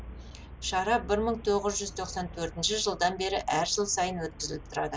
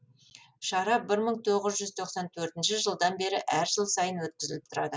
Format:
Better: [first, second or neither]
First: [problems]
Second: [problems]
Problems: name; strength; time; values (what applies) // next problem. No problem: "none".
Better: second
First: background sound (Traffic noise, roadway noise); 14 dB below the speech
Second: none